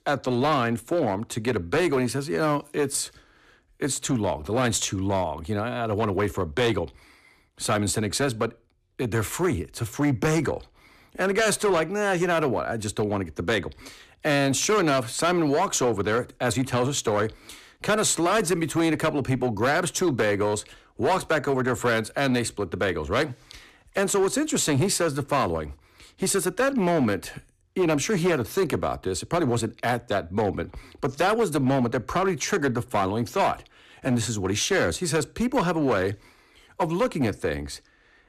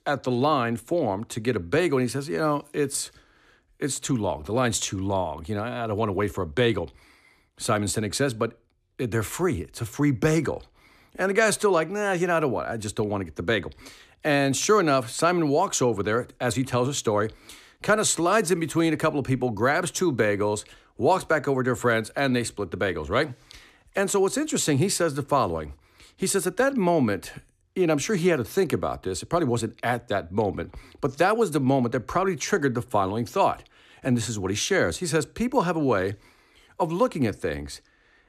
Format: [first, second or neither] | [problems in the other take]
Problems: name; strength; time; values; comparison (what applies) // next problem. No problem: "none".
second | distortion; slight; 8% of the sound clipped